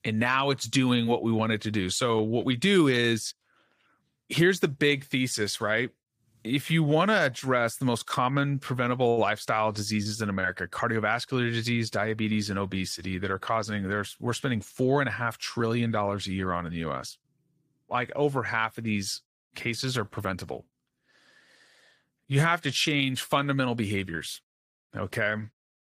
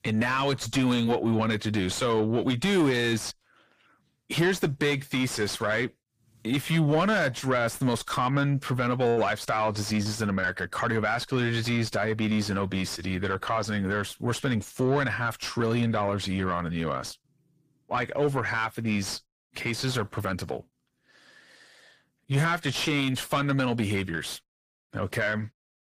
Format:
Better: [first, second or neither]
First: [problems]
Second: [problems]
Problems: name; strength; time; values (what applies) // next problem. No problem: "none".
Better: first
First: none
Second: distortion; slight; 10 dB below the speech